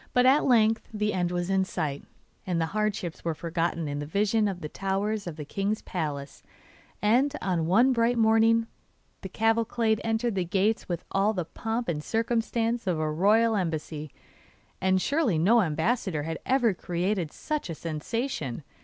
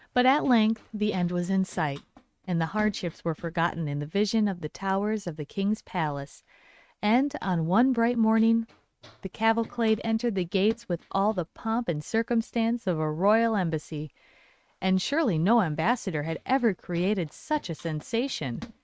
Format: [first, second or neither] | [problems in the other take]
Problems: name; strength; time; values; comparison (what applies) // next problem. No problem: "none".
first | noise reduction (neural mask model RNNoise)